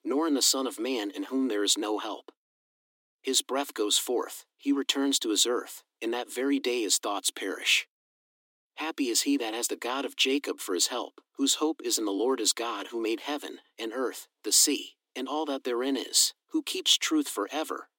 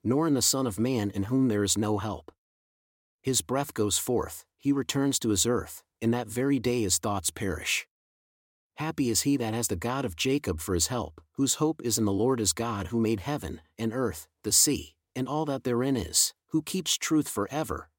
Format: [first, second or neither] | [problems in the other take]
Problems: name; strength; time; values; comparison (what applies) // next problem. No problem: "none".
second | thin; very slightly; fading below 250 Hz